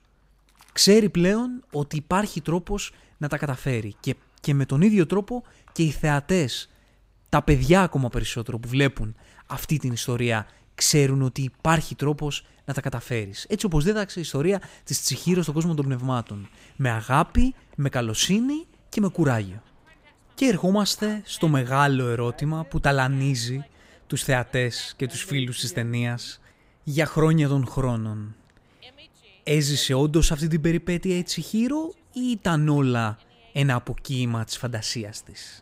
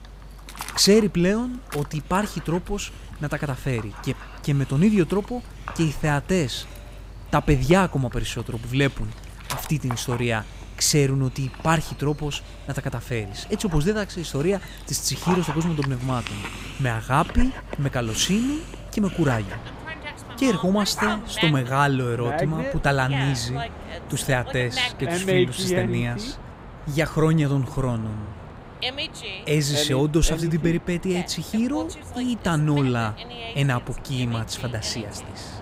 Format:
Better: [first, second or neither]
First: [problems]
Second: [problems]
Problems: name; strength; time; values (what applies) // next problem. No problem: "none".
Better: first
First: animal sounds; faint; throughout; 30 dB below the speech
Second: animal sounds; loud; throughout; 9 dB below the speech